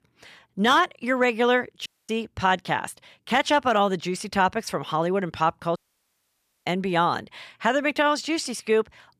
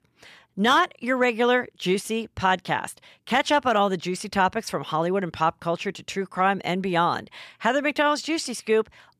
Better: second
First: audio cutting out; at 2 s and at 6 s for 1 s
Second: none

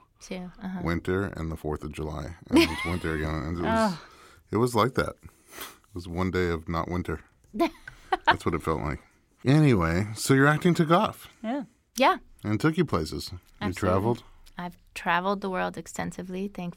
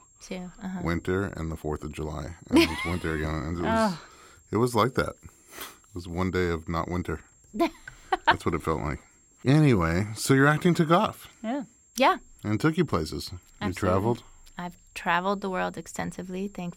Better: first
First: none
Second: high-pitched whine; faint; throughout; 7.5 kHz, 30 dB below the speech

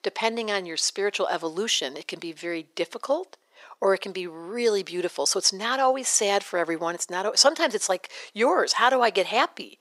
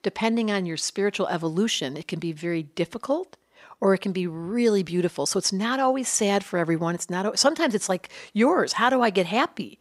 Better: second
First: thin; somewhat; fading below 500 Hz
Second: none

